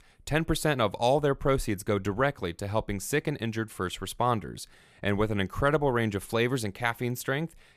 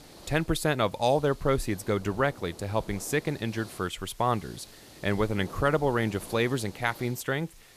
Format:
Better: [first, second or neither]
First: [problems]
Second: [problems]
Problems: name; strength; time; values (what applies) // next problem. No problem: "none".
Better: first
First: none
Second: hiss; noticeable; throughout; 20 dB below the speech